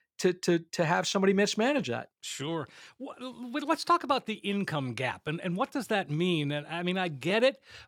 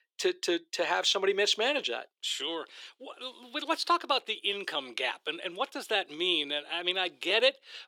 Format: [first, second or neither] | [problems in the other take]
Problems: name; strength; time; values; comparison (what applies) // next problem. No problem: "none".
first | thin; somewhat; fading below 350 Hz